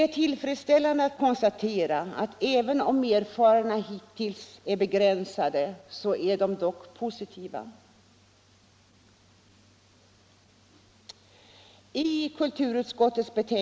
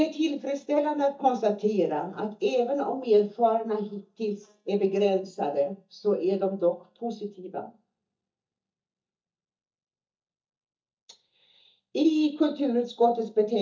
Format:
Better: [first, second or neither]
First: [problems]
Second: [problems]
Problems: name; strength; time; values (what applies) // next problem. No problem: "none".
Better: first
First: none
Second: noise reduction (neural mask model DeepFilterNet 3)